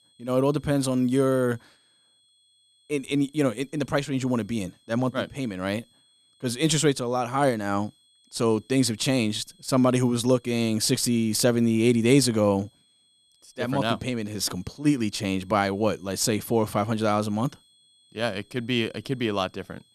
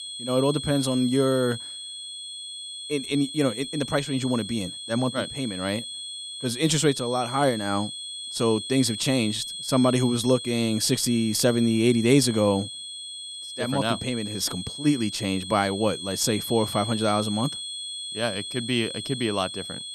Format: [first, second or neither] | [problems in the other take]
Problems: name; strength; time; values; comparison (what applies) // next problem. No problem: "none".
first | high-pitched whine; loud; throughout; 3.5 kHz, 8 dB below the speech; faint in the first